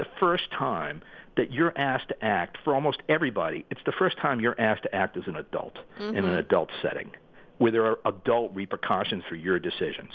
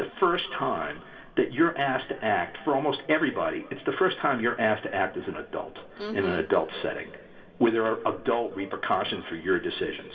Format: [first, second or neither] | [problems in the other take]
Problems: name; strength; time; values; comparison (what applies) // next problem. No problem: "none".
first | room echo; dies away in 2.6 s